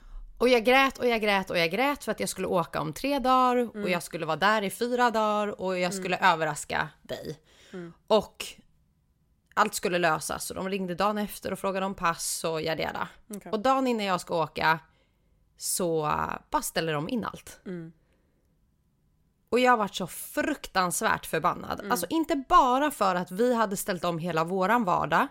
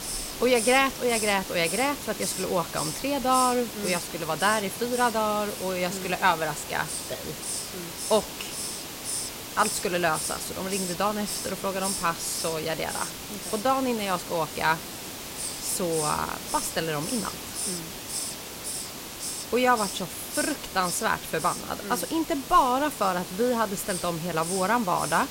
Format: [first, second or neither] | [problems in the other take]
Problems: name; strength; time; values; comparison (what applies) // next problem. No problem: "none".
first | hiss; loud; throughout; 6 dB below the speech